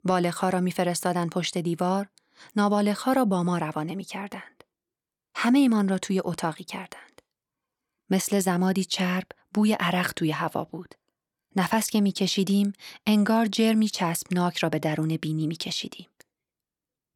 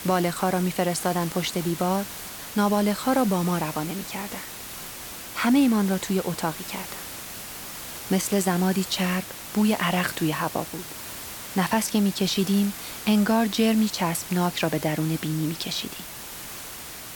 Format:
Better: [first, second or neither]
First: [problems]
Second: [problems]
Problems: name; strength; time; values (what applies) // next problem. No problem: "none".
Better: first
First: none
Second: hiss; noticeable; throughout; 10 dB below the speech